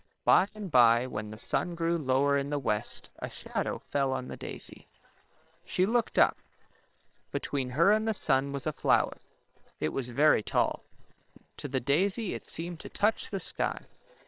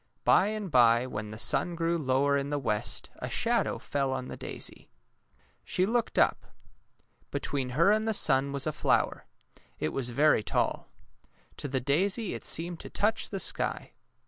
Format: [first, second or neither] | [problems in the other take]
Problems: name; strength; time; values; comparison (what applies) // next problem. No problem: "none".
second | noise reduction (neural separator model SepFormer WHAM!)